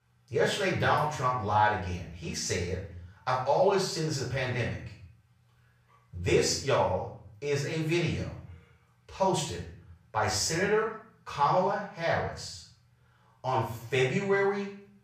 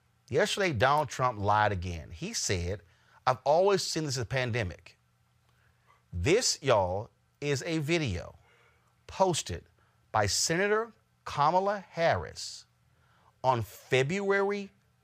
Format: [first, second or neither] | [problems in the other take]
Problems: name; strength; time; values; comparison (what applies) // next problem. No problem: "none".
second | room echo; noticeable; dies away in 0.5 s // off-mic speech; far